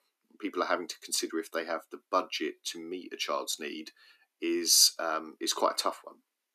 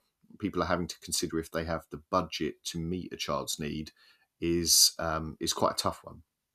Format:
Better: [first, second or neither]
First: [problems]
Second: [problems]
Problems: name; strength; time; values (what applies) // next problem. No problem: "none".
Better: second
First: thin; somewhat; fading below 250 Hz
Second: none